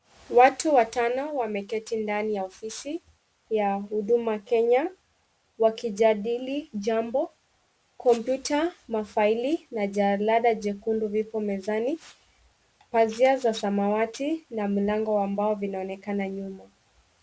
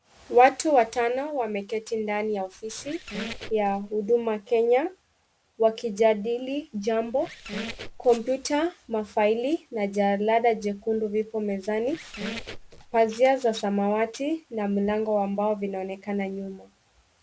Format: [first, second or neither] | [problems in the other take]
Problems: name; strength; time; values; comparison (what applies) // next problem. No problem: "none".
first | background sound (Squeak); 13 dB below the speech